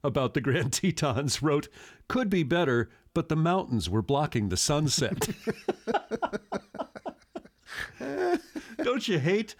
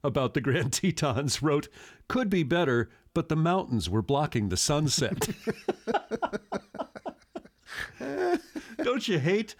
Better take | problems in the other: neither | none

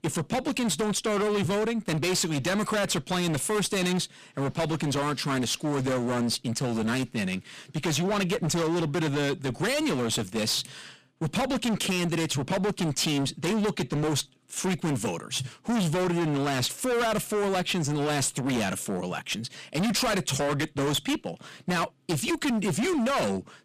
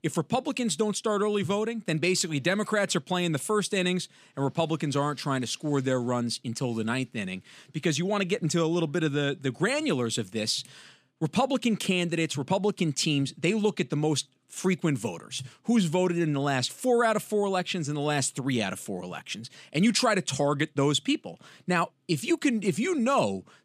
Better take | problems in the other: second | distortion; heavy; 29% of the sound clipped

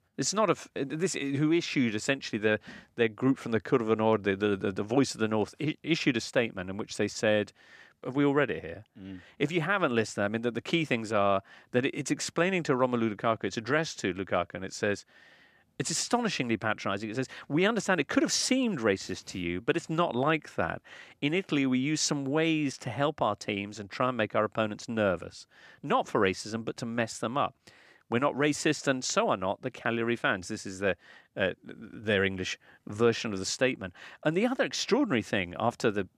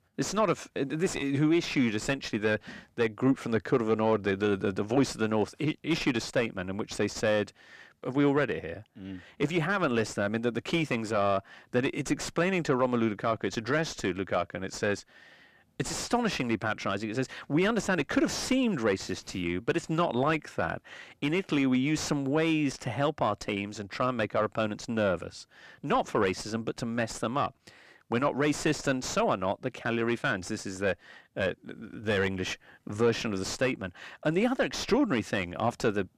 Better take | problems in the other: first | distortion; slight; 10 dB below the speech

